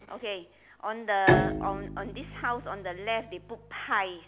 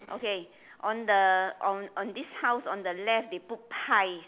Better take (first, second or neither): second